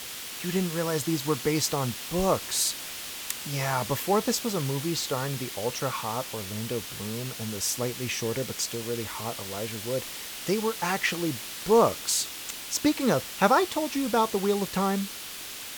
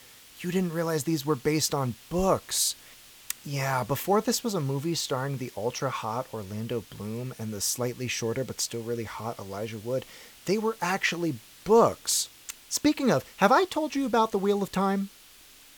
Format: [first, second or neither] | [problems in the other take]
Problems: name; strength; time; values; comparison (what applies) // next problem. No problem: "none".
second | hiss; loud; throughout; 7 dB below the speech; faint in the second